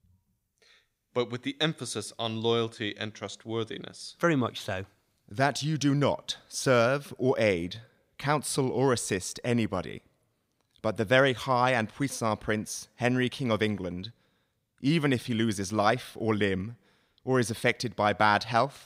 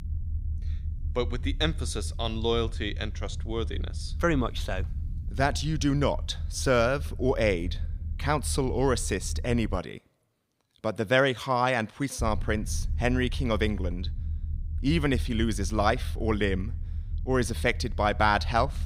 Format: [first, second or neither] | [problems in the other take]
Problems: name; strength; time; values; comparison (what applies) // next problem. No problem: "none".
first | low rumble; faint; until 10 s and from 12 s on; 25 dB below the speech